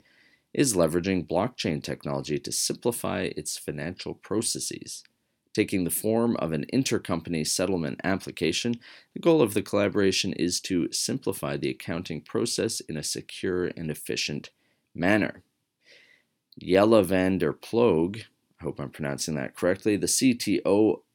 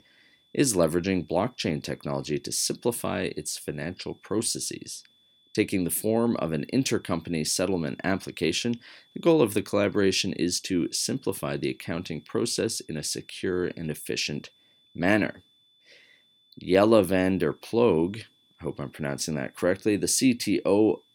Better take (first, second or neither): first